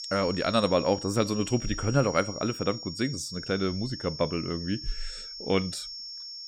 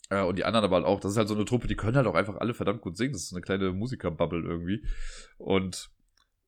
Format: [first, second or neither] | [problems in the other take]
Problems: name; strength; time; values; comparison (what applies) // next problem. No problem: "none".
second | high-pitched whine; loud; throughout; 5.5 kHz, 9 dB below the speech